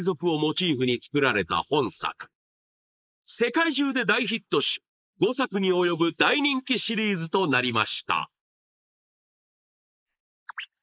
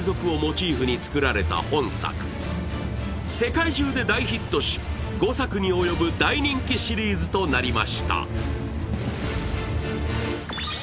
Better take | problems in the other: second | noise reduction (neural mask model Resemble Enhance denoiser)

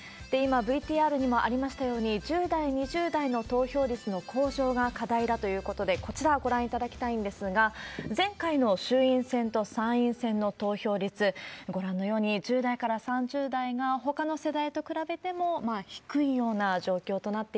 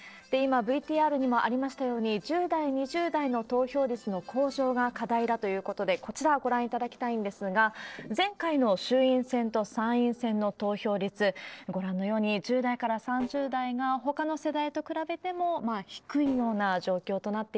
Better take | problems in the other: first | noise reduction (neural separator model SepFormer DNS4)

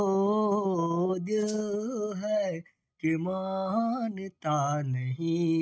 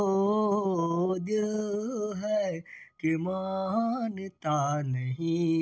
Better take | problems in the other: second | noise reduction (neural mask model RNNoise)

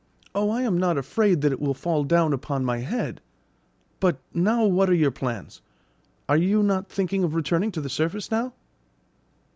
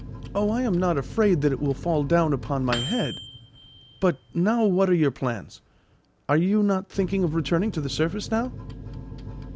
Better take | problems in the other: first | background sound (Microwave oven); 13 dB below the speech

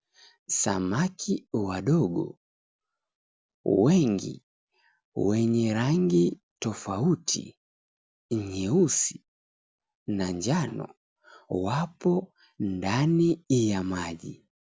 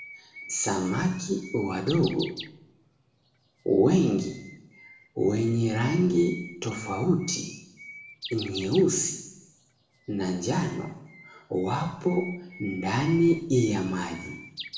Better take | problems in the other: first | background sound (Bird); 18 dB below the speech // room echo; dies away in 0.8 s

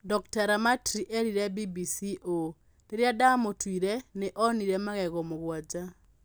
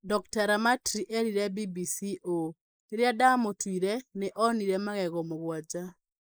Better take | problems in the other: first | noise reduction (neural mask model Resemble Enhance denoiser)

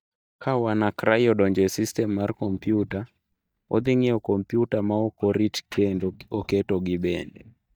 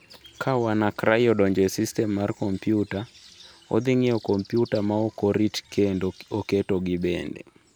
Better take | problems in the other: second | noise reduction (neural mask model DeepFilterNet 3)

